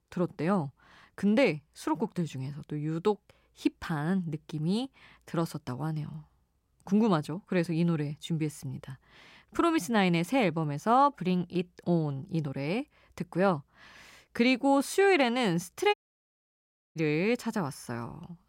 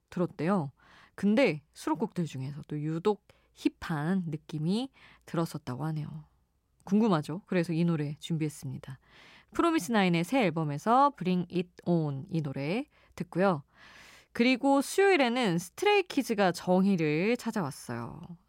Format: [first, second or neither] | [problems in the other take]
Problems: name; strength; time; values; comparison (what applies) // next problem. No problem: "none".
second | audio cutting out; at 16 s for 1 s